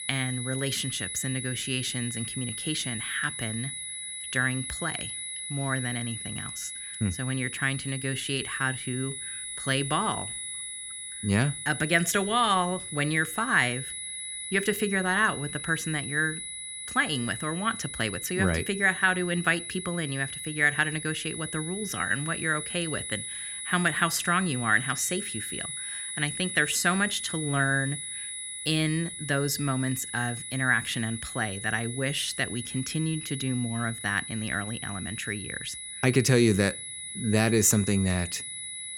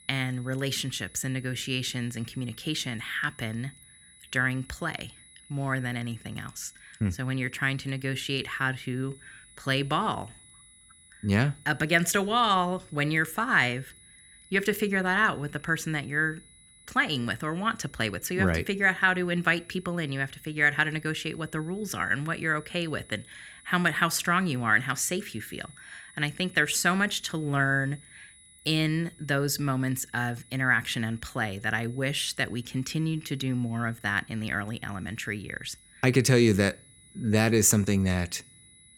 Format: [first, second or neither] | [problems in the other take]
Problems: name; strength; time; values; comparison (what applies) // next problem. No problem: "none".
second | high-pitched whine; loud; throughout; 10 kHz, 6 dB below the speech; faint in the second